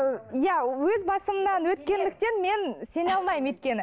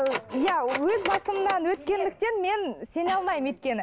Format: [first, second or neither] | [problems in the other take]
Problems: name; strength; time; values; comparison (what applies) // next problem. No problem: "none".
first | background sound (Telephone); 11 dB below the speech